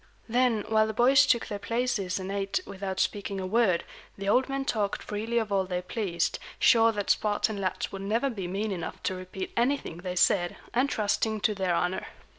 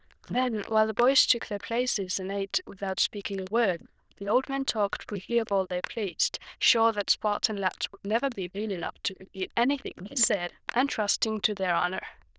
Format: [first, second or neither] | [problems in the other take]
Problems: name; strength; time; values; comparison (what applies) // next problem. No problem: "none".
first | noise reduction (neural diffusion model UNIVERSE++)